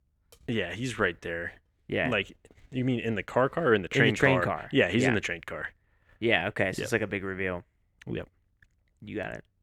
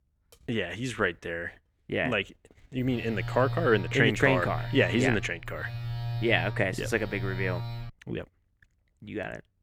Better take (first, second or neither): first